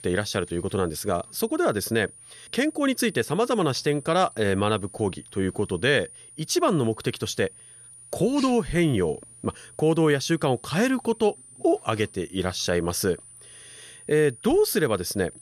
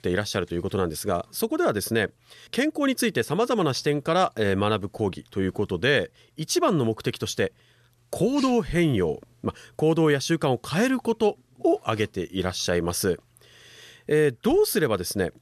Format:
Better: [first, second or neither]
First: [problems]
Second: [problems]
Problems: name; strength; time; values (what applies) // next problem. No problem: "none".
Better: second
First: high-pitched whine; noticeable; throughout; 9.5 kHz, 20 dB below the speech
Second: none